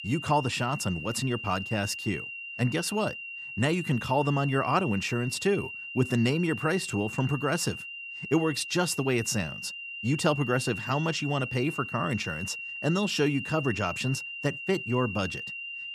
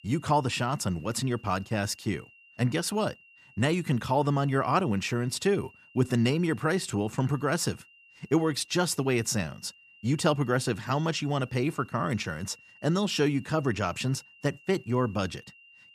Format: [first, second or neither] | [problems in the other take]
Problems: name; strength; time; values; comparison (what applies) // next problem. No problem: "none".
second | high-pitched whine; loud; throughout; 3 kHz, 7 dB below the speech; faint in the second